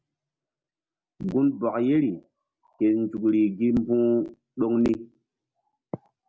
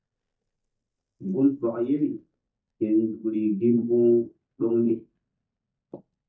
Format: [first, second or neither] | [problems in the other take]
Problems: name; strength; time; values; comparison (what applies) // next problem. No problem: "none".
first | noise reduction (neural mask model DeepFilterNet 3)